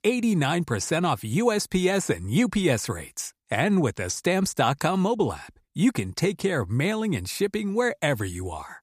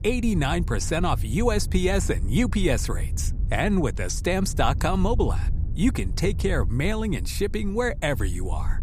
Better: first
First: none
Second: low rumble; noticeable; throughout; 20 dB below the speech

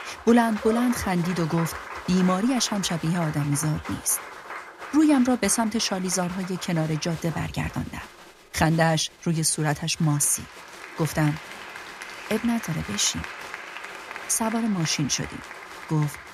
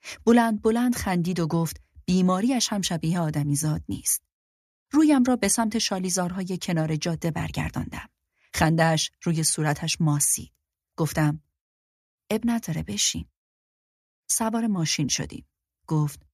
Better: second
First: crowd noise; noticeable; throughout; 15 dB below the speech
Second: none

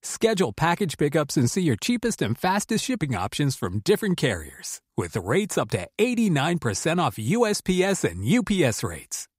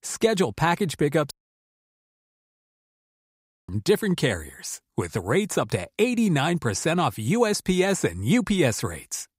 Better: first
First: none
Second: audio cutting out; at 1.5 s for 2.5 s

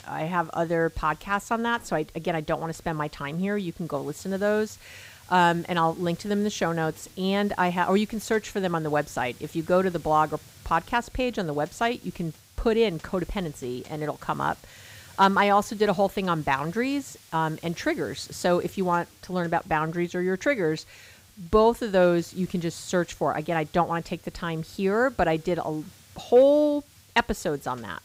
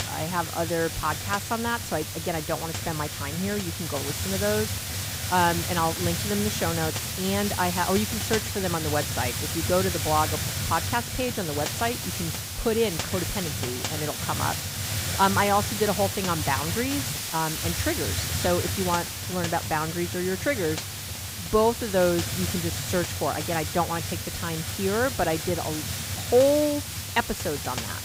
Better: first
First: hiss; faint; throughout; 25 dB below the speech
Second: hiss; loud; throughout; 2 dB below the speech

